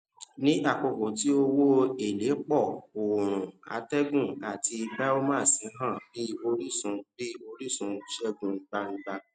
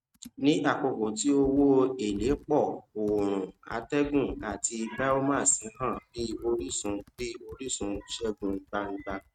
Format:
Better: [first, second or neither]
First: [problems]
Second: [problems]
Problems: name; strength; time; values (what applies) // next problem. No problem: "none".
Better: first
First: none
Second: noise reduction (neural mask model RNNoise)